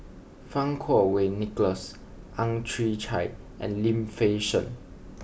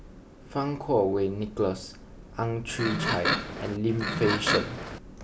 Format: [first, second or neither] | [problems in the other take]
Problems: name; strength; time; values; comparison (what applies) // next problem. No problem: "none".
first | background sound (Livestock, farm animals, working animals); as loud as the speech